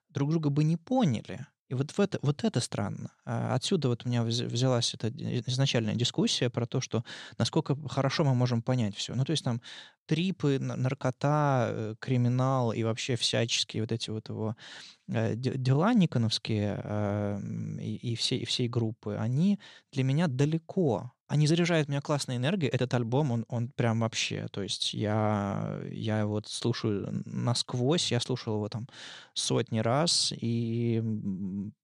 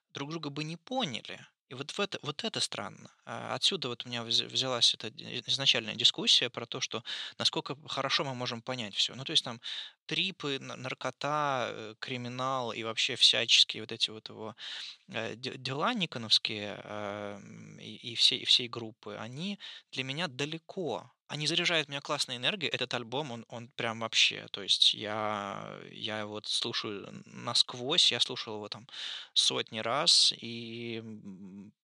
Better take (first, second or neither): first